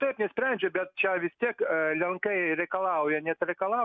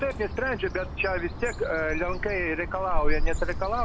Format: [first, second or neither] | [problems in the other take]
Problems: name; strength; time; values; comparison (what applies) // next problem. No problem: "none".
first | background sound (Bird); 1 dB above the speech